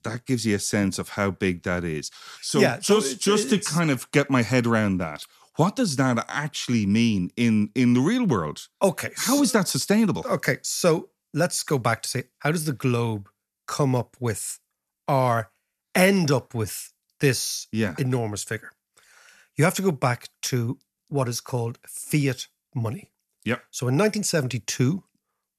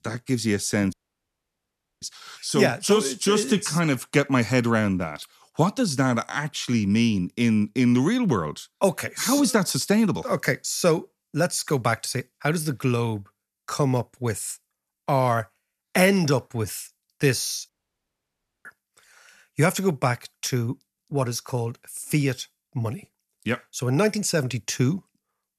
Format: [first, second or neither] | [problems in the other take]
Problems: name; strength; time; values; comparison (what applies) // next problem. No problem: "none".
first | audio cutting out; at 1 s for 1 s and at 18 s for 1 s